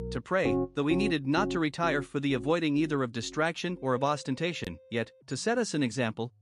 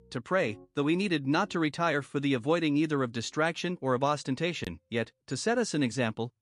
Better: second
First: background music; loud; throughout; 6 dB below the speech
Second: background music; faint; throughout; 30 dB below the speech

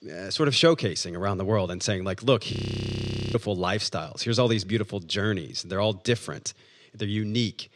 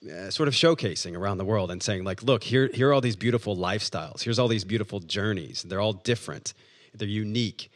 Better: second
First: audio freezing; at 2.5 s for 1 s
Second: none

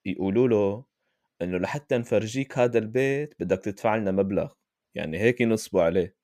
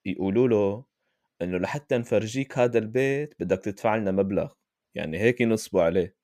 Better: neither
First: none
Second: none

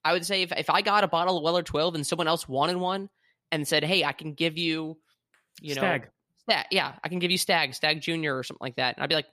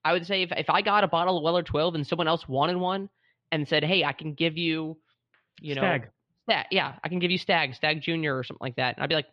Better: first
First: none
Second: muffled; very slightly; fading above 3.5 kHz

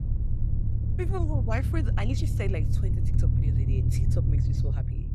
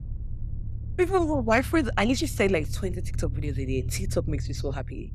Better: second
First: low rumble; loud; throughout; 2 dB below the speech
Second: low rumble; faint; throughout; 20 dB below the speech

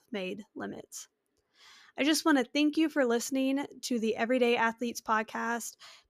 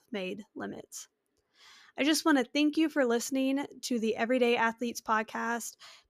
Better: neither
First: none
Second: none

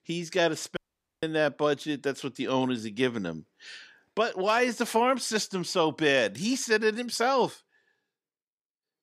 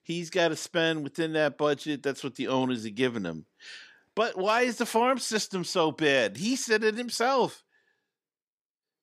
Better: second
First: audio cutting out; at 1 s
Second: none

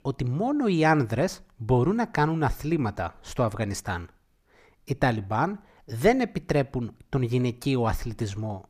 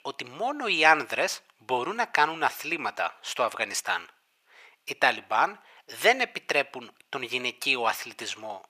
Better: first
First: none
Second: thin; very; fading below 750 Hz

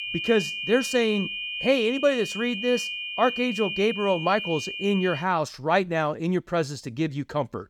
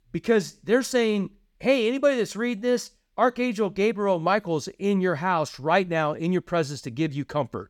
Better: second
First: high-pitched whine; loud; until 5 s; 2.5 kHz, 5 dB below the speech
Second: none

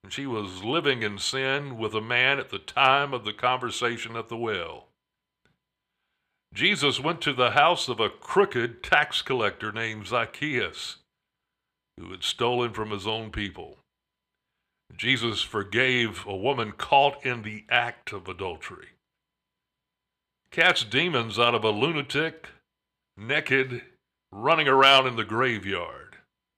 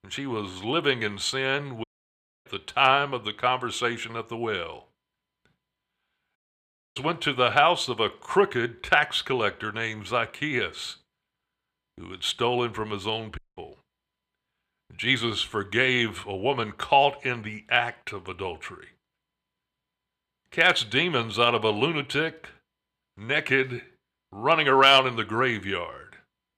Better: first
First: none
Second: audio cutting out; at 2 s for 0.5 s, at 6.5 s for 0.5 s and at 13 s

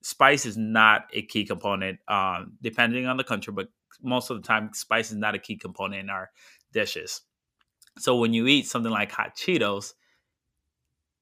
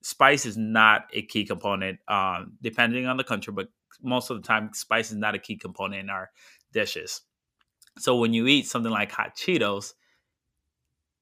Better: neither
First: none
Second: none

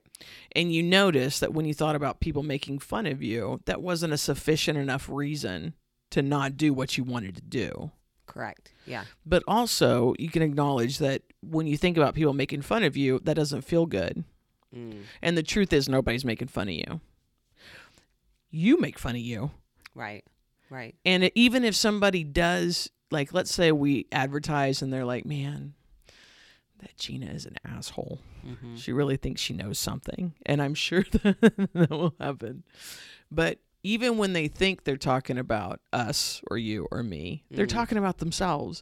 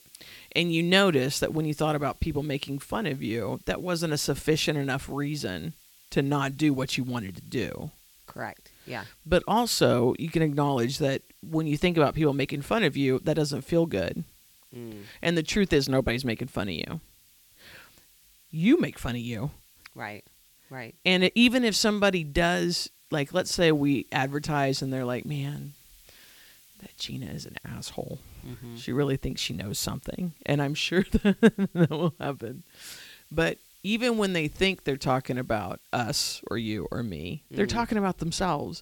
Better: first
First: none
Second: hiss; faint; throughout; 30 dB below the speech

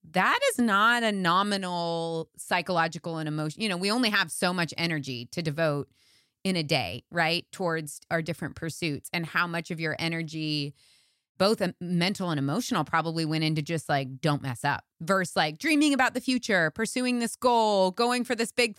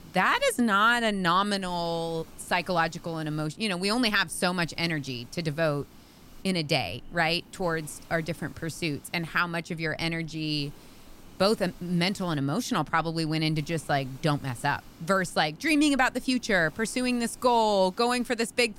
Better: first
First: none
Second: hiss; faint; throughout; 25 dB below the speech

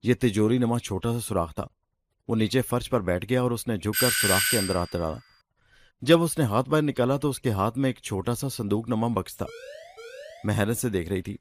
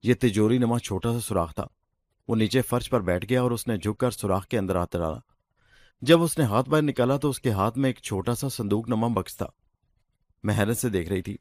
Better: second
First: doorbell; loud; at 4 s; peak 5 dB above the speech // siren; faint; from 9.5 to 10 s; peak 15 dB below the speech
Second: none

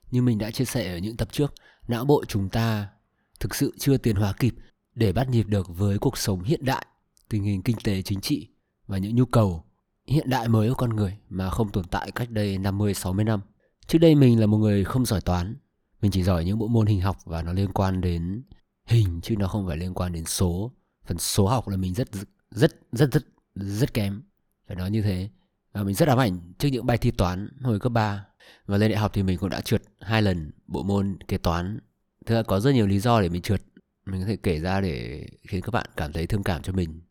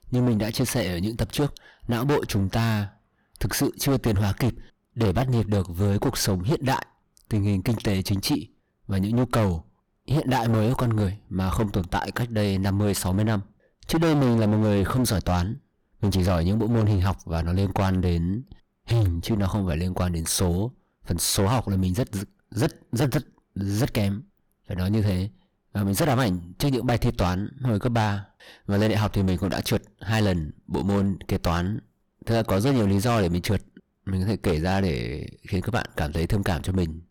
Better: first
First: none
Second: distortion; heavy; 14% of the sound clipped

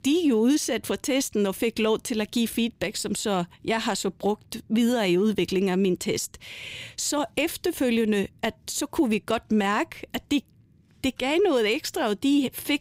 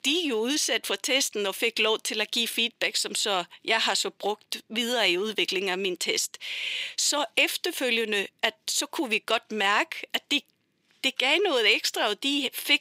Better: first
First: none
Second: thin; somewhat; fading below 450 Hz

